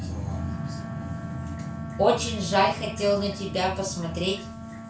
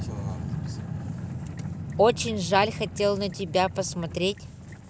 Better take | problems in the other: second | background sound (Wind instrument, woodwind instrument); 13 dB below the speech // room echo; dies away in 0.3 s

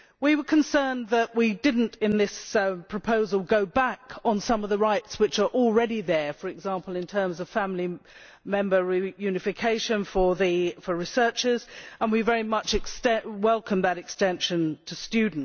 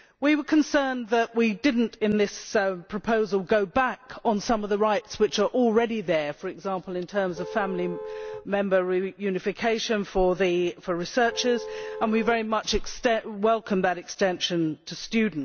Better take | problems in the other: first | background sound (Vehicle horn, car horn, honking); 12 dB below the speech

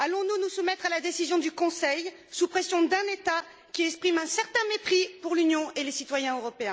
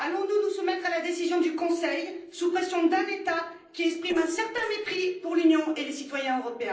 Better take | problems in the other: first | noise reduction (neural separator model SepFormer DNS4)

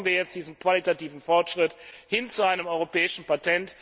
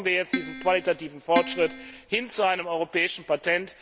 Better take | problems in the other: first | background sound (Keyboard (musical)); 7 dB below the speech

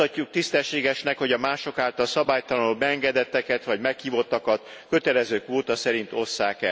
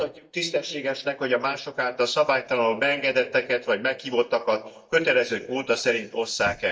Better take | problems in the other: first | noise reduction (neural mask model DeepFilterNet 3)

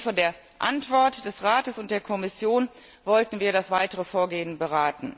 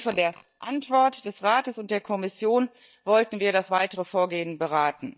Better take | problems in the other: first | noise reduction (neural mask model DeepFilterNet 3)

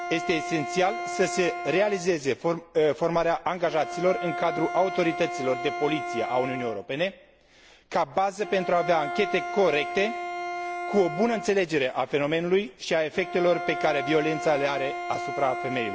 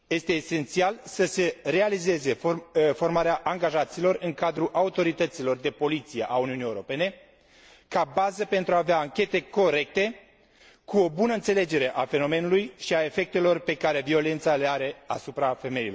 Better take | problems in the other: second | background sound (Bowed string instrument); 8 dB below the speech

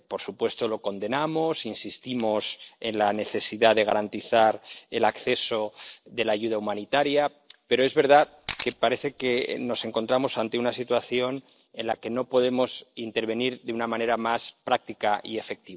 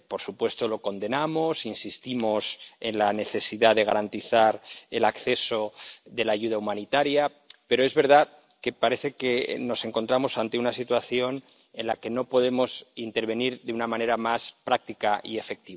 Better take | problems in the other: second | noise reduction (neural separator model SepFormer DNS4)

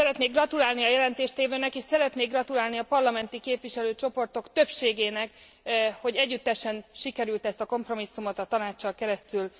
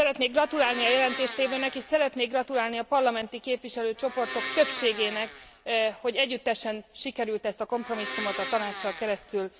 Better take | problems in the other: first | background sound (Domestic sounds, home sounds); 9 dB below the speech

